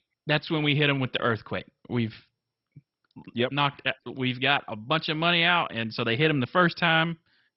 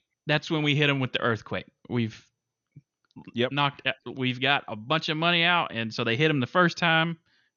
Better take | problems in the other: second | garbled, watery; badly; nothing above 5.5 kHz; slightly in the second

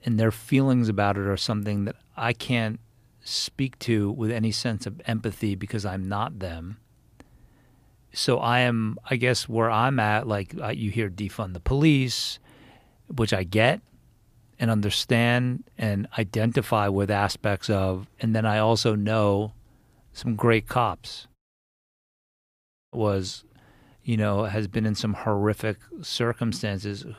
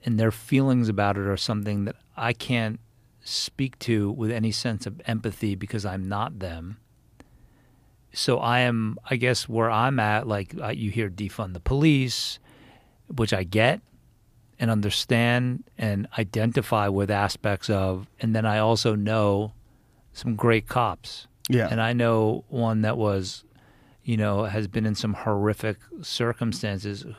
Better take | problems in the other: second | audio cutting out; at 21 s for 1.5 s

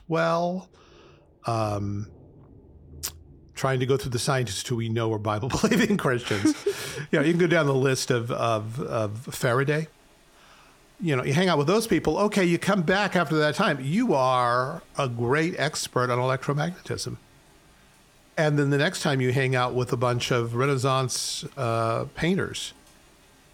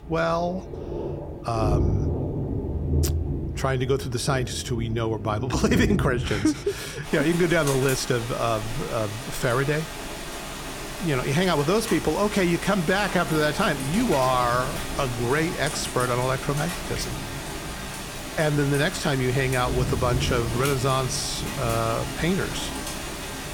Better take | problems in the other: first | rain or running water; loud; throughout; 6 dB below the speech; faint in the first

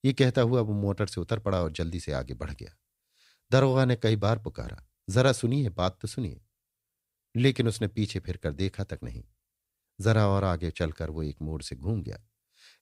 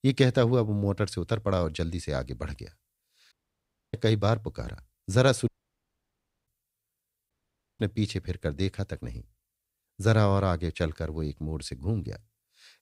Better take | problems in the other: first | audio cutting out; at 3.5 s for 0.5 s, at 5.5 s for 1 s and at 7.5 s

